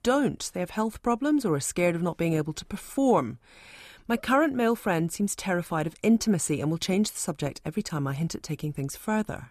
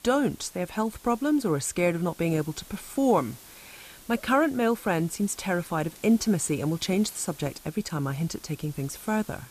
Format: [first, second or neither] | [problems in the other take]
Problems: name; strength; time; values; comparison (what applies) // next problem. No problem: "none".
first | hiss; faint; throughout; 20 dB below the speech